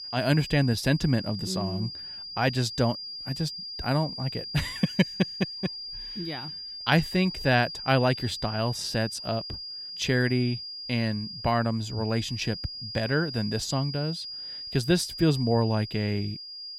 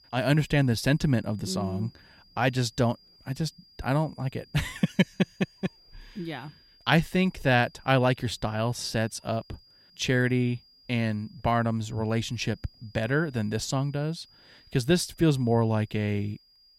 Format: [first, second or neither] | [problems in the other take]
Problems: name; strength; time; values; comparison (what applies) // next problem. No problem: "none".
second | high-pitched whine; loud; throughout; 5 kHz, 8 dB below the speech; faint in the second